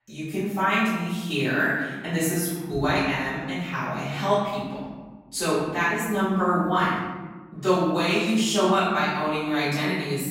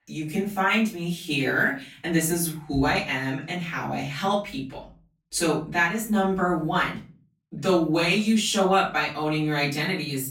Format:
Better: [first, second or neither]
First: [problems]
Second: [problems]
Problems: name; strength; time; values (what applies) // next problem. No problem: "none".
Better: second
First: room echo; strong; dies away in 1.4 s // off-mic speech; far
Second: room echo; slight; dies away in 0.3 s // off-mic speech; far